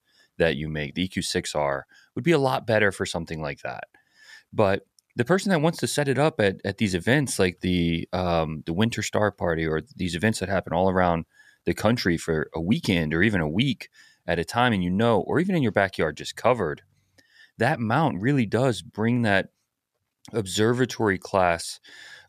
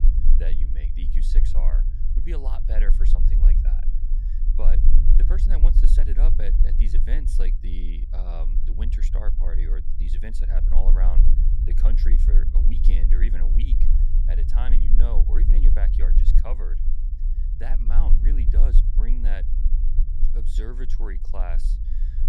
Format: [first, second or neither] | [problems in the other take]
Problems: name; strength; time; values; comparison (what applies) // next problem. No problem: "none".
first | low rumble; loud; throughout; 5 dB below the speech